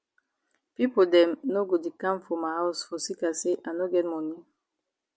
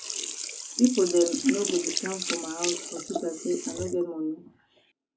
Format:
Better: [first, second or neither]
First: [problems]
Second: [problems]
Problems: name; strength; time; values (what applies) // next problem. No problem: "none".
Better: first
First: none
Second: background sound (Sink (filling or washing)); 6 dB below the speech // room echo; dies away in 0.3 s